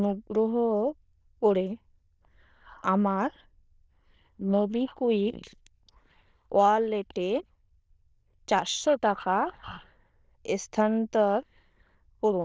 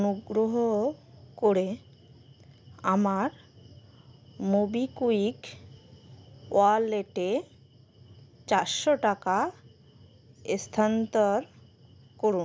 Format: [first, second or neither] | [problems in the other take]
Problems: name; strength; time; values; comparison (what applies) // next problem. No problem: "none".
second | noise reduction (neural diffusion model UNIVERSE++)